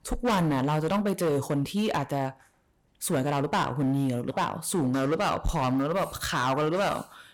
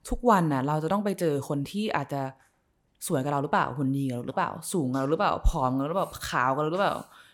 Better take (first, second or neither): second